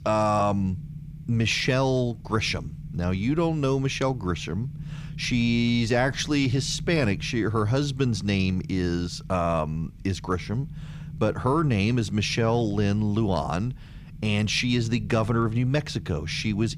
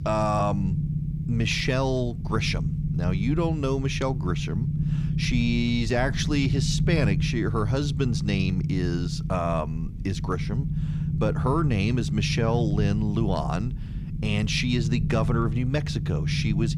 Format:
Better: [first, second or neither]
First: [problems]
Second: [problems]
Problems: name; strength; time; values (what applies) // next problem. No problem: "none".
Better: first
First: low rumble; faint; throughout; 20 dB below the speech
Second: low rumble; loud; throughout; 10 dB below the speech